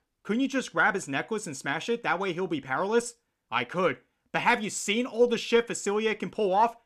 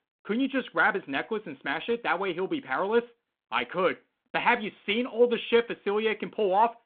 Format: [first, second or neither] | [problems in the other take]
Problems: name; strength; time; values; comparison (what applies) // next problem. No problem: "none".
first | phone-call audio